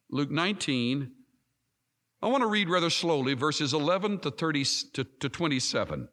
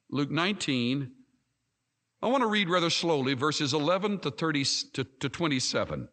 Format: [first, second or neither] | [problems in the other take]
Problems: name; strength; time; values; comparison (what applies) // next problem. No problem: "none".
first | garbled, watery; slightly; nothing above 8.5 kHz